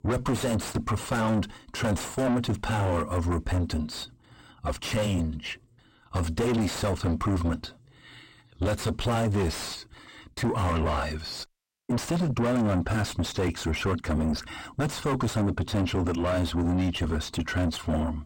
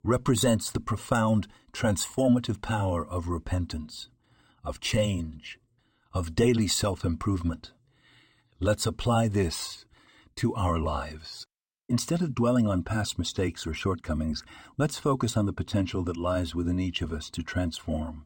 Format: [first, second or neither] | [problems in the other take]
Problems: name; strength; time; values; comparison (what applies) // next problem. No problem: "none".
second | distortion; heavy; 5 dB below the speech